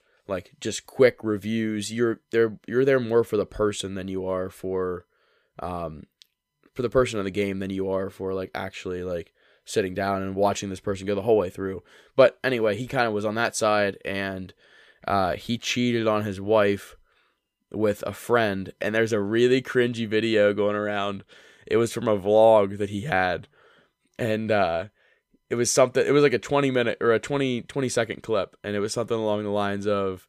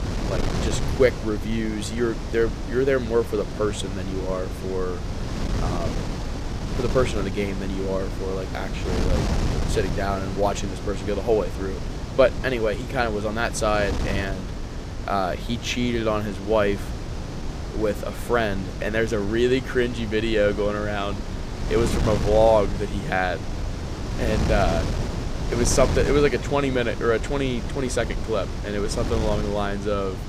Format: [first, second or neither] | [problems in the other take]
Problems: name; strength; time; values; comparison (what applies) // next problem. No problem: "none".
first | wind noise on the microphone; heavy; 10 dB below the speech